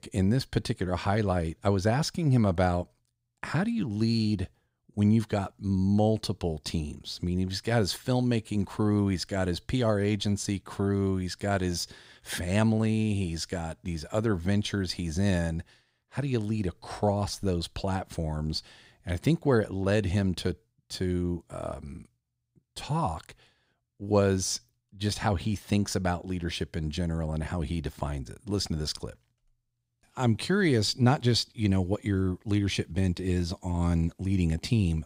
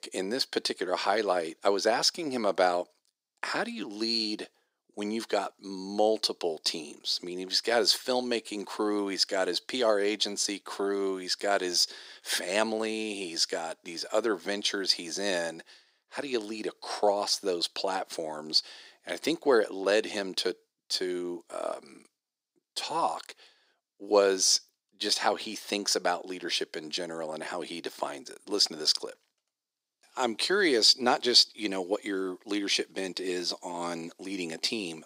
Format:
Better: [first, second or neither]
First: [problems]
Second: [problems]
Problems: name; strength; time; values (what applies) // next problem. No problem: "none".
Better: first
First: none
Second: thin; very; fading below 350 Hz